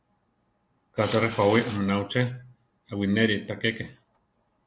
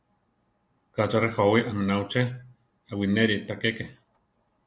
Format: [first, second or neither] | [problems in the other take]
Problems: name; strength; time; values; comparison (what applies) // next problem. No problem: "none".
second | background sound (Subway, metro, underground / Engine); 12 dB below the speech